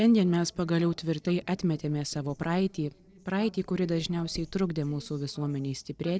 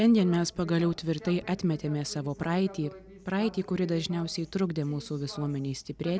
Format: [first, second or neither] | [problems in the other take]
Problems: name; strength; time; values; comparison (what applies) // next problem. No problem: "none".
second | noise reduction (neural separator model SepFormer DNS4)